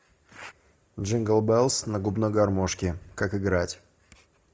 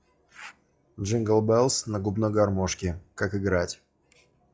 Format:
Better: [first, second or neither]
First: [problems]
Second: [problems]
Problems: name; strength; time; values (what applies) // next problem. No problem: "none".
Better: first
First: none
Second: noise reduction (classical method log-MMSE)